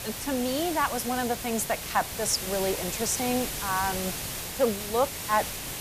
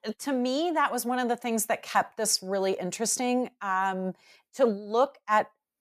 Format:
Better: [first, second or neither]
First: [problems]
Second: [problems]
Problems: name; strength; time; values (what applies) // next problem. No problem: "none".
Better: second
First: hiss; loud; throughout; 4 dB below the speech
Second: none